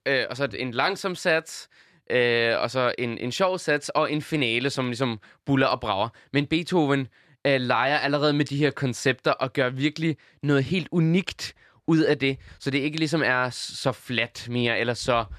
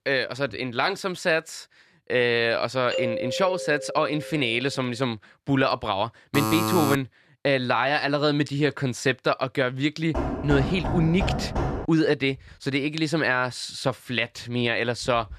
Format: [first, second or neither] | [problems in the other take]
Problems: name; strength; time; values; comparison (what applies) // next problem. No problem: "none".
first | doorbell; noticeable; from 3 to 4.5 s; peak 3 dB below the speech // alarm; loud; at 6.5 s; peak level with the speech // door banging; noticeable; from 10 to 12 s; peak 3 dB below the speech